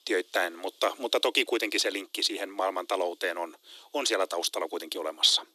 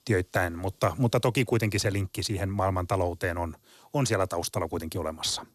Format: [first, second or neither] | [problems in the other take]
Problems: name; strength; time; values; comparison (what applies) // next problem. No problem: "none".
second | thin; very; fading below 300 Hz